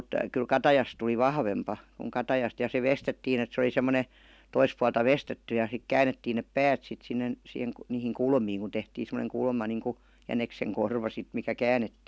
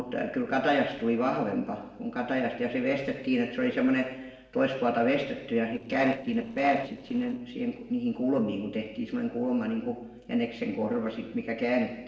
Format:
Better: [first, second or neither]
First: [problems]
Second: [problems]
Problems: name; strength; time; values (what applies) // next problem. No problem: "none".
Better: first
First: none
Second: noise reduction (neural separator model SepFormer DNS4)